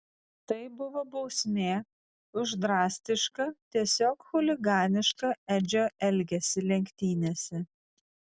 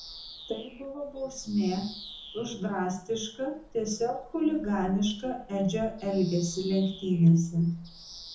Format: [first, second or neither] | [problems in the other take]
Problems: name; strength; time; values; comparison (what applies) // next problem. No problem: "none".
first | background sound (Bird vocalization, bird call, bird song); 18 dB below the speech // room echo; dies away in 0.6 s